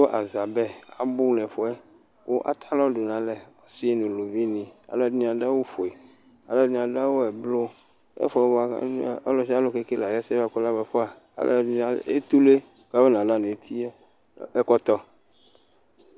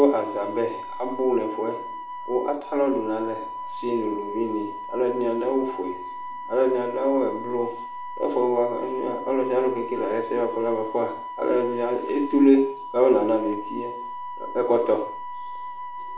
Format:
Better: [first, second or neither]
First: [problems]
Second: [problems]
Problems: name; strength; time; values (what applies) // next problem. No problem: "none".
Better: first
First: none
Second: background sound (Wind instrument, woodwind instrument); 10 dB below the speech // room echo; dies away in 0.5 s